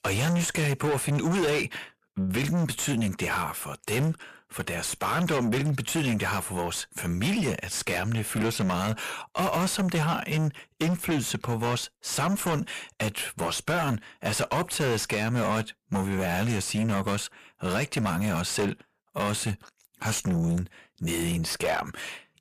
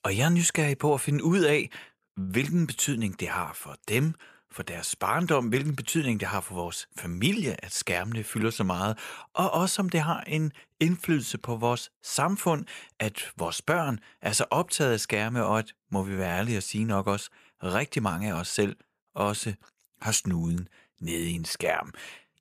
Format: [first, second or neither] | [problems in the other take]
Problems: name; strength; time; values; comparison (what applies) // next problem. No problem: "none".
second | distortion; heavy; 6 dB below the speech